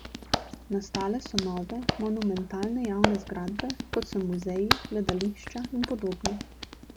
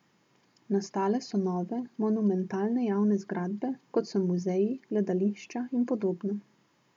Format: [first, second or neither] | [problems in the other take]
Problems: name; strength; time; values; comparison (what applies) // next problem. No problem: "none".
second | background sound (Hands); 3 dB below the speech